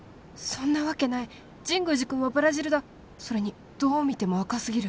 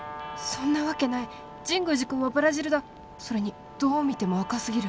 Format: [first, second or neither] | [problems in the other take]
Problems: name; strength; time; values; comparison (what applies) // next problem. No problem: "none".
first | background sound (Guitar); 14 dB below the speech